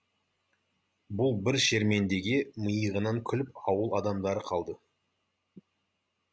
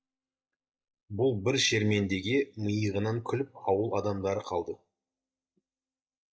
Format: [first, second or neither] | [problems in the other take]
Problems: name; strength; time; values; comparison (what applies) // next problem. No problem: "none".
first | noise reduction (neural mask model DeepFilterNet 3)